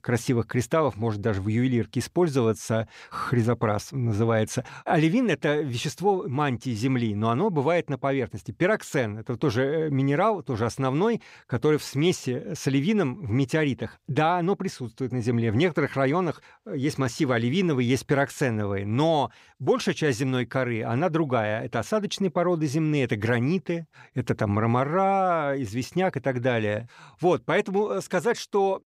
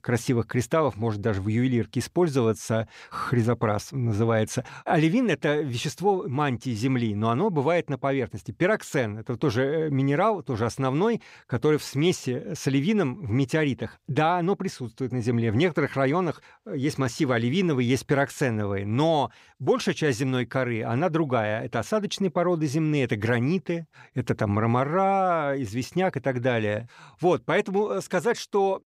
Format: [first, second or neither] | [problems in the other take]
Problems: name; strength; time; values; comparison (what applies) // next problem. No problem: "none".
neither | none